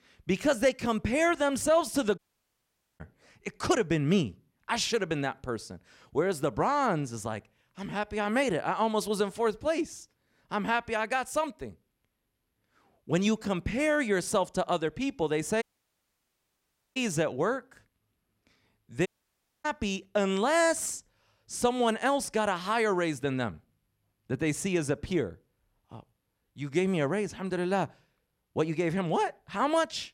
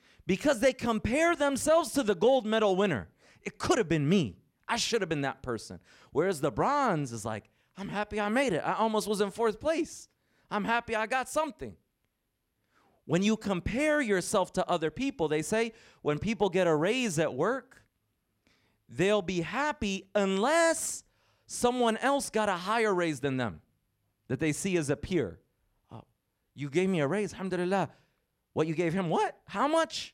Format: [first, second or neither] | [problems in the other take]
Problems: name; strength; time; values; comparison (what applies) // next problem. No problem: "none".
second | audio cutting out; at 2 s for 1 s, at 16 s for 1.5 s and at 19 s for 0.5 s